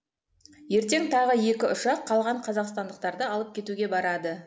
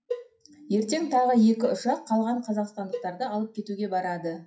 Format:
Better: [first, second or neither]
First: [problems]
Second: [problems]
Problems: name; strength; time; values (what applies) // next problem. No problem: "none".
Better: first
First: none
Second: noise reduction (classical method WPE with log-MMSE)